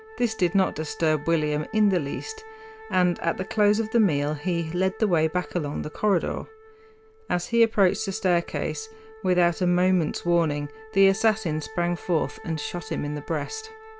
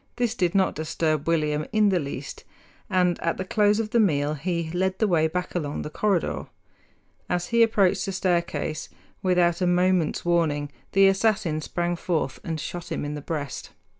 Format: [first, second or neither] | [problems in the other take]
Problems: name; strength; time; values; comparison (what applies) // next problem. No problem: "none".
second | background sound (Wind instrument, woodwind instrument); 19 dB below the speech